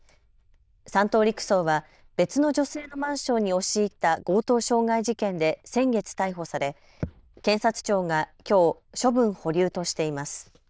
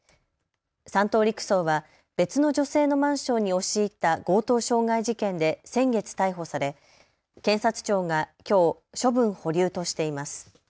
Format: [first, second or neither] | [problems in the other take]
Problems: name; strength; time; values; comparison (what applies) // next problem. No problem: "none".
second | noise reduction (neural diffusion model UNIVERSE++)